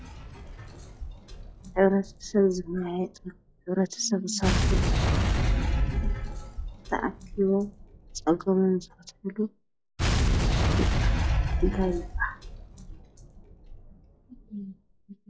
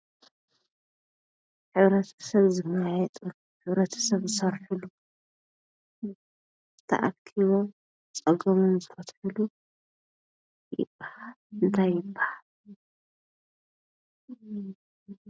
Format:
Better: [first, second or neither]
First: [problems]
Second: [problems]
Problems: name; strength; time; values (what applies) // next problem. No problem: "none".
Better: second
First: noise reduction (classical method log-MMSE)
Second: none